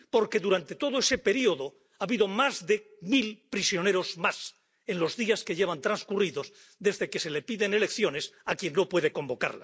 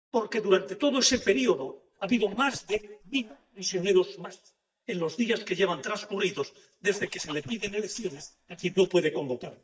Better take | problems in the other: first | noise reduction (neural mask model DeepFilterNet 3)

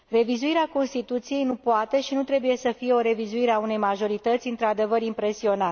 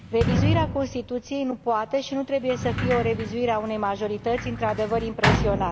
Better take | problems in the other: first | background sound (Sliding door); 2 dB below the speech

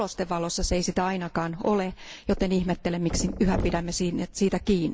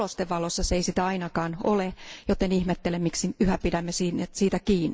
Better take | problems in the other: second | background sound (Thump, thud); 12 dB below the speech

